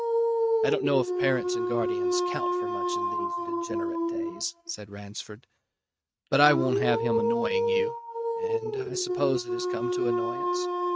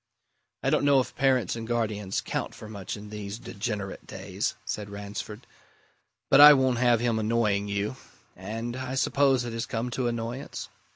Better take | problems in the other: second | noise reduction (neural mask model RNNoise)

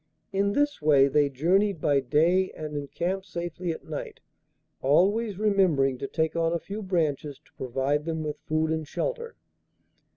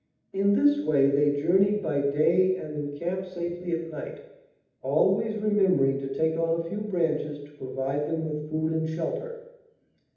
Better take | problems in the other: first | room echo; dies away in 0.8 s

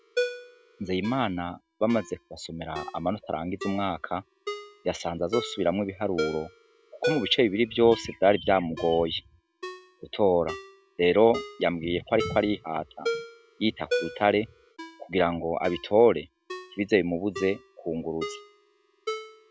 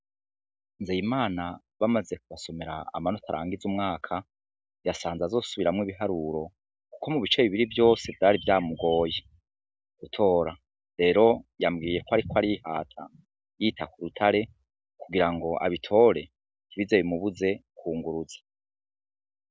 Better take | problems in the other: second | background sound (Ringtone); 11 dB below the speech

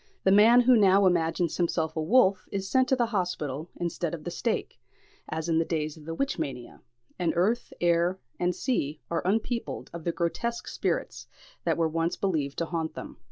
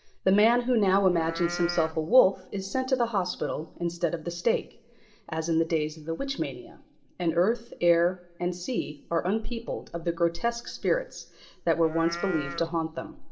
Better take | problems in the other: first | background sound (Livestock, farm animals, working animals); 11 dB below the speech // room echo; dies away in 0.5 s

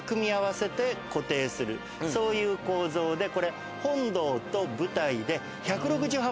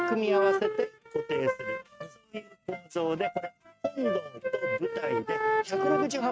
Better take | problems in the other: first | noise reduction (neural mask model RNNoise)

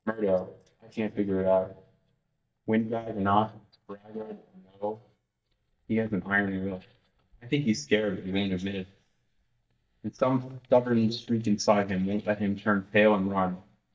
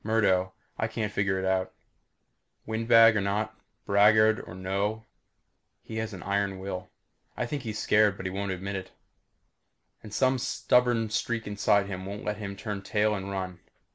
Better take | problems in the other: second | noise reduction (neural mask model DeepFilterNet 3)

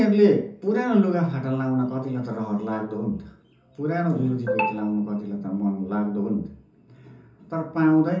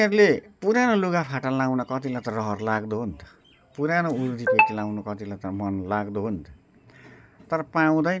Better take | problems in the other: second | room echo; dies away in 0.6 s

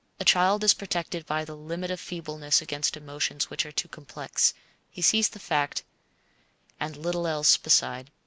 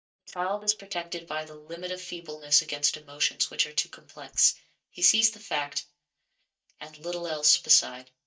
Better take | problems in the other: first | noise reduction (neural mask model DeepFilterNet 3)

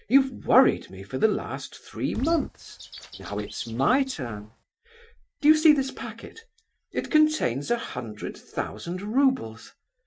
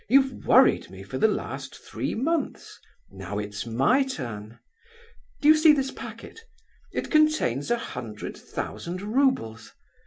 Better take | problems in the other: second | noise reduction (neural mask model RNNoise)

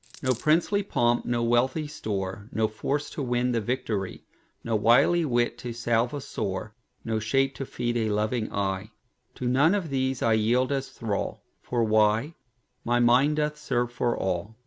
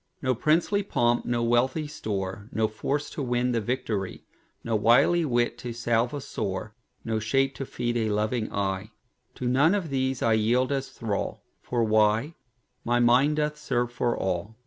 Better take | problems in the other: second | background sound (Coin (dropping)); 18 dB below the speech

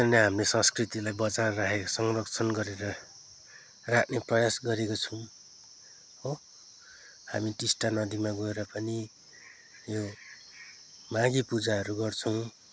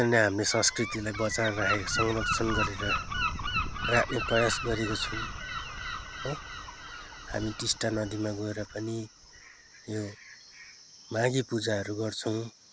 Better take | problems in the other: first | background sound (Gull, seagull); 5 dB below the speech

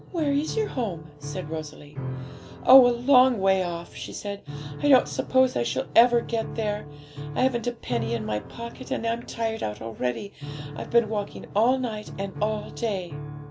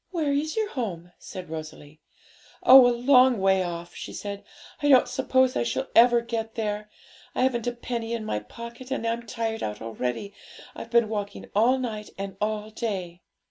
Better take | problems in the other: second | background sound (Piano); 12 dB below the speech

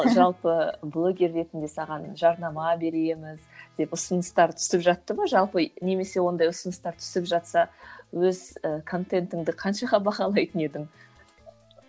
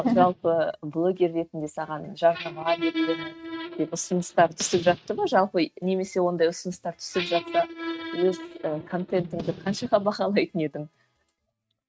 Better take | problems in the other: first | noise reduction (neural mask model RNNoise)

